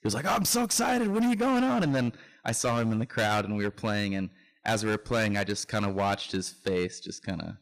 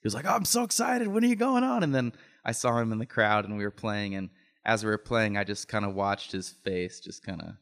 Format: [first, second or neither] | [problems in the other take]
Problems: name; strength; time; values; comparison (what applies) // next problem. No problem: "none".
second | distortion; heavy; 14% of the sound clipped